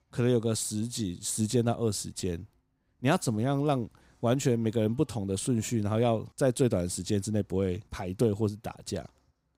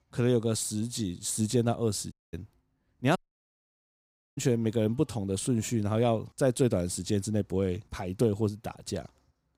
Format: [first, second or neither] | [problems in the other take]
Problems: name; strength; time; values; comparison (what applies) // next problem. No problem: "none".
first | audio cutting out; at 2 s and at 3 s for 1 s